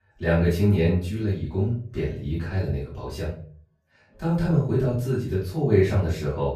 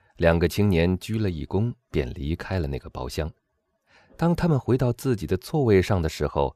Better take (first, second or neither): second